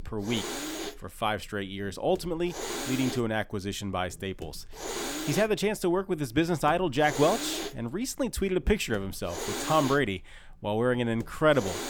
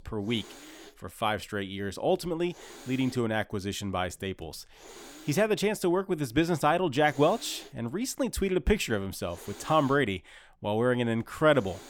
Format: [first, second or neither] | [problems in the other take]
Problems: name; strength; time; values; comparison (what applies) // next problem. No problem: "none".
second | hiss; loud; throughout; 7 dB below the speech; faint in the second